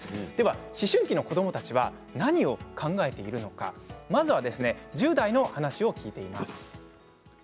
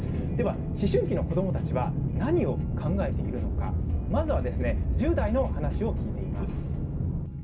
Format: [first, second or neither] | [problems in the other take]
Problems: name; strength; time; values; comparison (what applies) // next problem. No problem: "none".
first | background sound (Aircraft); 3 dB above the speech // room echo; dies away in 0.2 s